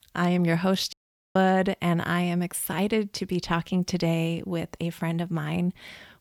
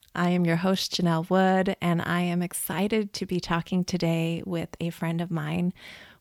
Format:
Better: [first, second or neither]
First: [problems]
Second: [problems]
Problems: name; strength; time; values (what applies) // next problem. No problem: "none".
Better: second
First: audio cutting out; at 1 s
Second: none